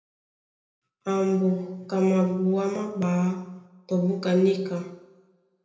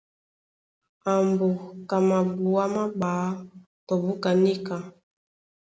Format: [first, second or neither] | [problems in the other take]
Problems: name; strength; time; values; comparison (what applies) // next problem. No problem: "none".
second | room echo; dies away in 0.9 s